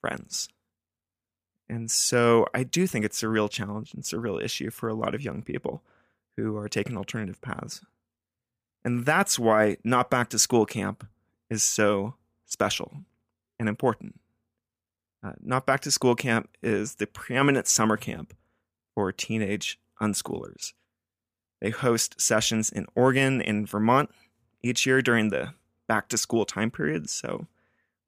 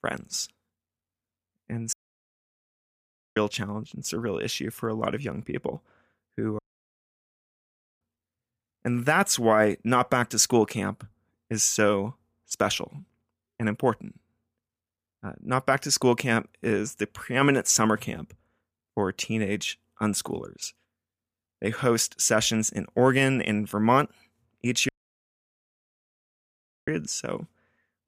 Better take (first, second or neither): first